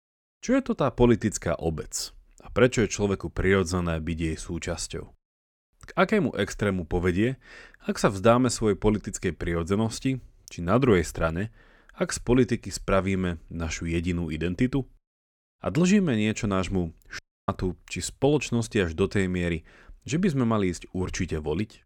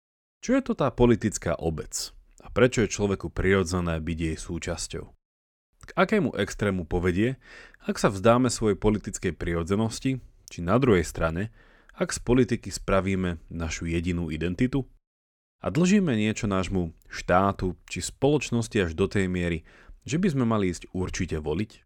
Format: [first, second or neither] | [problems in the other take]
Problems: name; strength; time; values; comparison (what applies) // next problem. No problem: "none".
second | audio cutting out; at 17 s